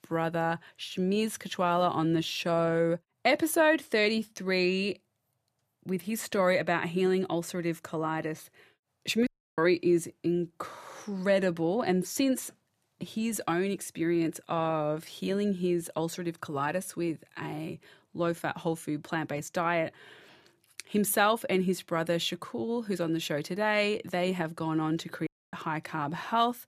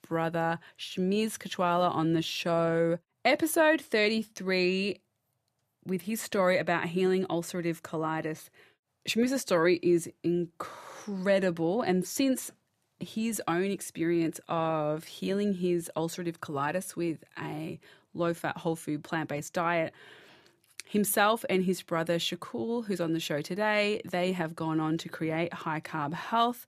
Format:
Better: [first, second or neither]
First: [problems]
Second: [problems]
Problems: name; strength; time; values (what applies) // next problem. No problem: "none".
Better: second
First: audio cutting out; at 9.5 s and at 25 s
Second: none